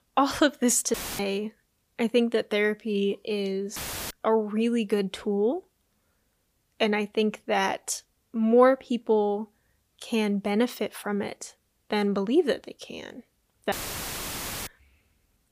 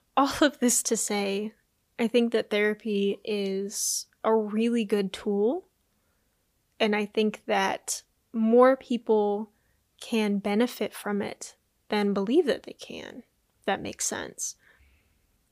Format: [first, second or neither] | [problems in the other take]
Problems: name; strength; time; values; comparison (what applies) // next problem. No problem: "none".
second | audio cutting out; filled with static; at 1 s, at 4 s and at 14 s for 1 s